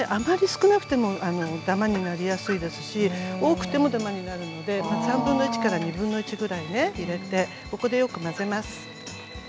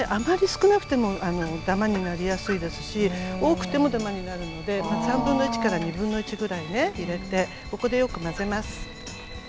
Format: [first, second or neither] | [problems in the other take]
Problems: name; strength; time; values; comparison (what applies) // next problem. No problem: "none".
first | background sound (Camera); 16 dB below the speech